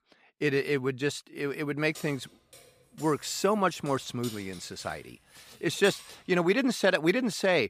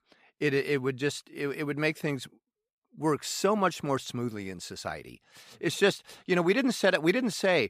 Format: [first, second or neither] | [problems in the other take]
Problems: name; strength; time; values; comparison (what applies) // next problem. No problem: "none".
second | jangling keys; faint; from 2 to 6 s; peak 15 dB below the speech